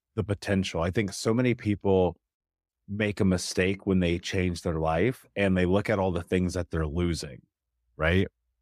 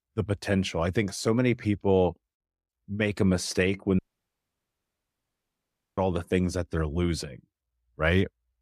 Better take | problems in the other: first | audio cutting out; at 4 s for 2 s

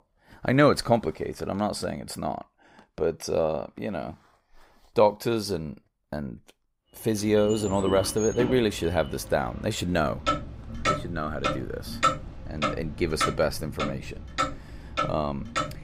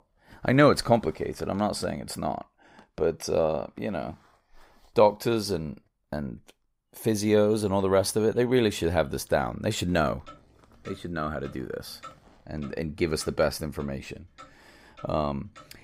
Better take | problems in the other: second | household noises; loud; from 7 s on; 4 dB below the speech; faint in the second

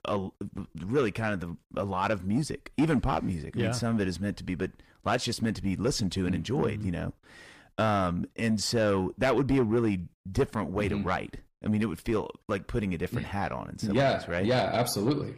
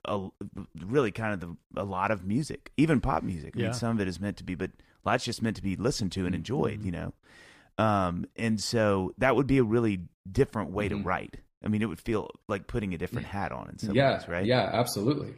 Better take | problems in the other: second | distortion; slight; 10 dB below the speech

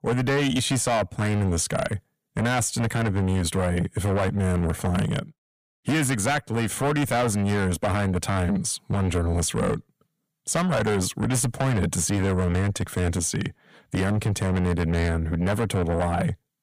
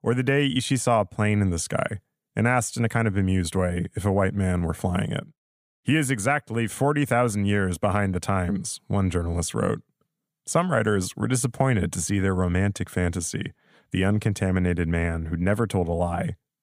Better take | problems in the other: second | distortion; heavy; 7 dB below the speech

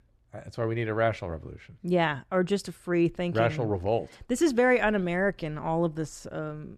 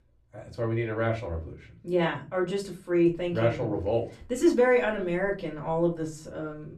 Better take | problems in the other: first | off-mic speech; far // room echo; very slight; dies away in 0.2 s

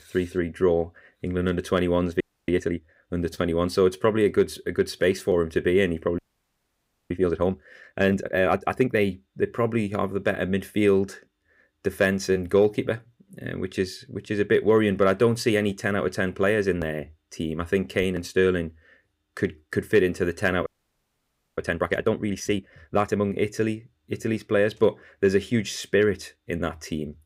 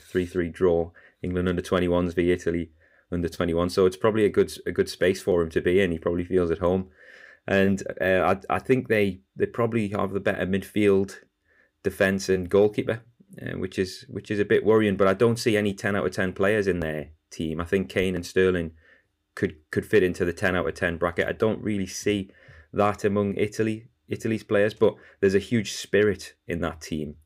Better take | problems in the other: second | audio freezing; at 2 s, at 6 s for 1 s and at 21 s for 1 s

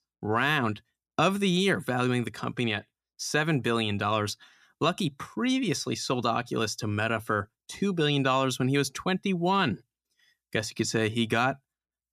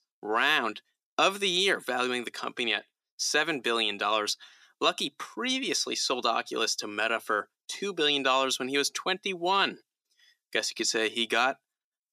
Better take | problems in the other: first | thin; somewhat; fading below 350 Hz

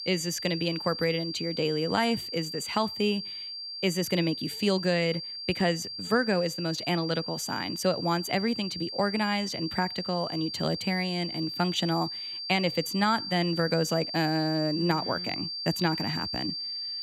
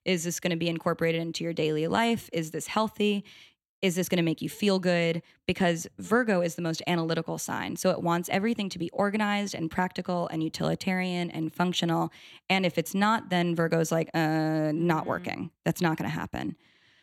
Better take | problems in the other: second | high-pitched whine; loud; throughout; 4.5 kHz, 5 dB below the speech

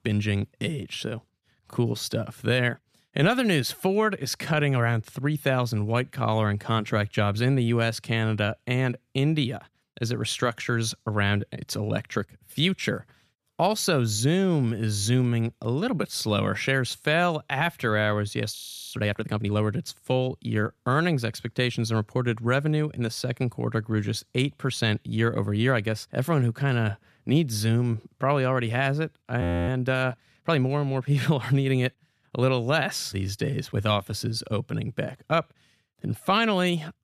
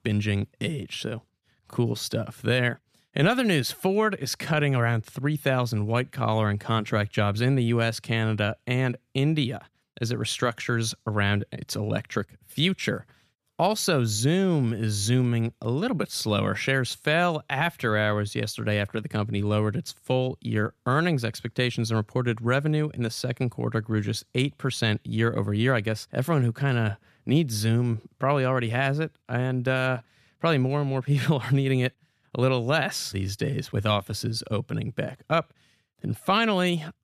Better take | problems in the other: second | audio freezing; at 19 s and at 29 s

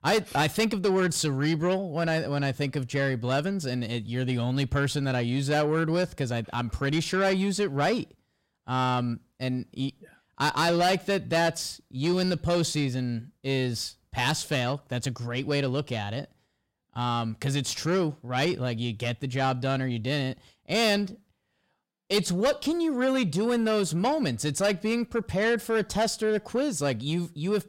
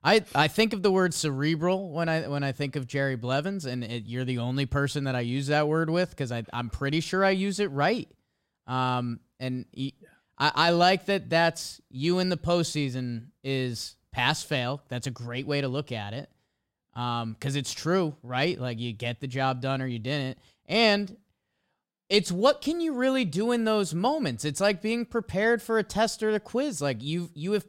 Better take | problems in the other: second | distortion; slight; 10 dB below the speech

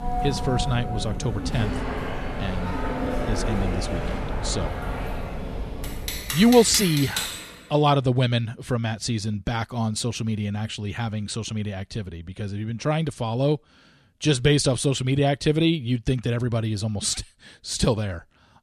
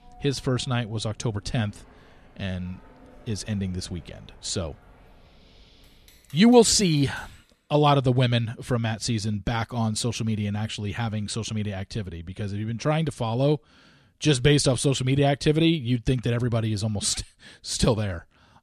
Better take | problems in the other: second | household noises; loud; until 7 s; 5 dB below the speech; faint in the second

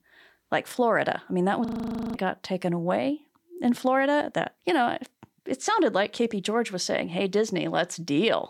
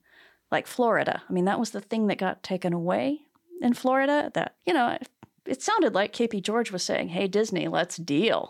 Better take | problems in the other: second | audio freezing; at 1.5 s for 0.5 s

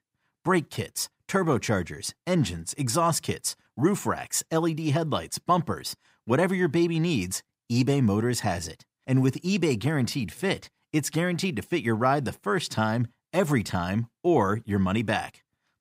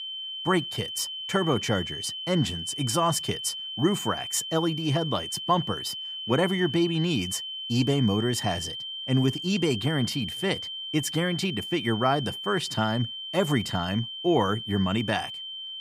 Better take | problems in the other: first | high-pitched whine; loud; throughout; 3 kHz, 6 dB below the speech

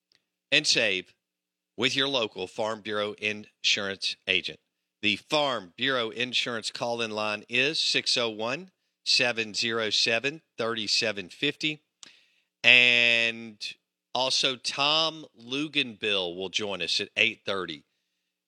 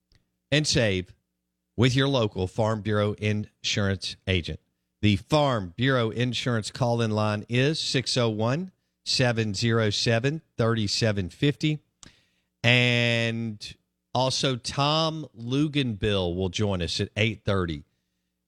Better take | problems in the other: second | thin; somewhat; fading below 300 Hz

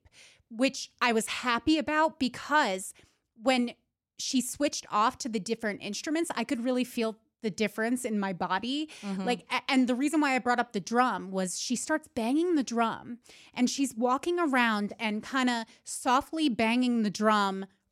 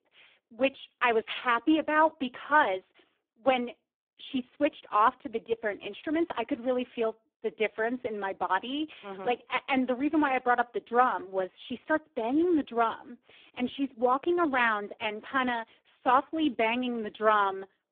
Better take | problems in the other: first | phone-call audio; poor line

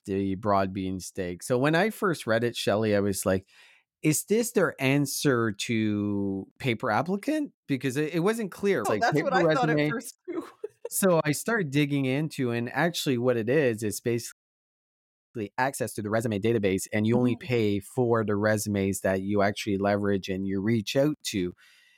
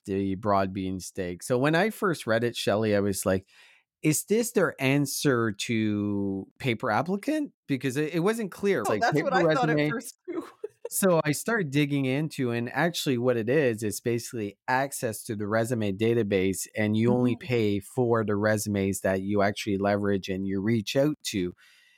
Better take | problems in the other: second | audio freezing; at 14 s for 1 s

